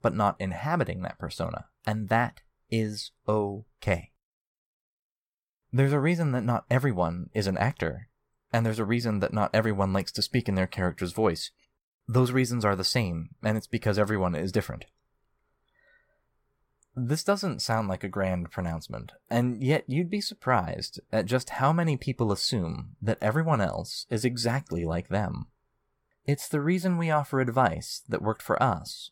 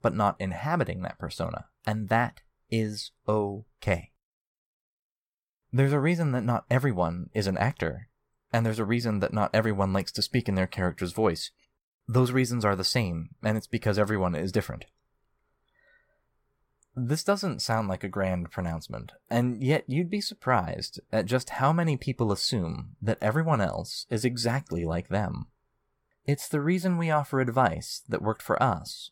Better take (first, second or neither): neither